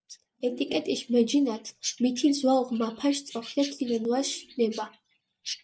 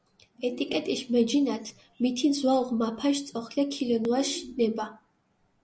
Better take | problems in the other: second | noise reduction (neural mask model DeepFilterNet 3)

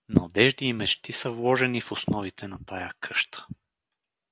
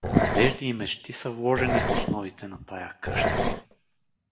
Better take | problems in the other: first | background sound (Growling); 1 dB above the speech // room echo; dies away in 0.6 s

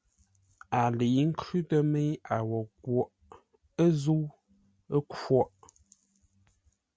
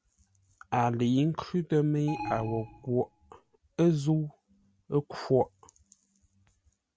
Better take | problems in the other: first | background sound (Alarm); 10 dB below the speech

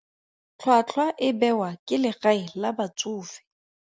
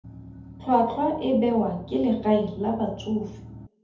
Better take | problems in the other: first | background sound (Engine); 16 dB below the speech // room echo; dies away in 0.6 s

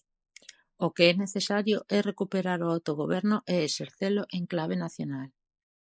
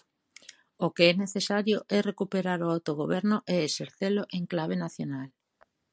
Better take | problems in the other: second | noise reduction (neural mask model Resemble Enhance denoiser)

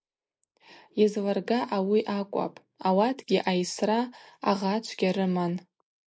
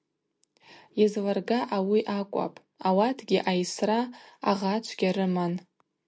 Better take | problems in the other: second | noise reduction (neural mask model Resemble Enhance denoiser)

